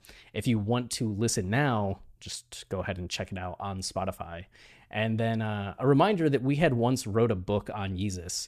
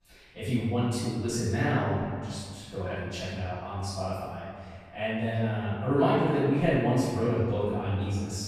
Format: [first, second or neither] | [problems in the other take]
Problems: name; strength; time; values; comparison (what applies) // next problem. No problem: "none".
first | off-mic speech; far // room echo; strong; dies away in 1.9 s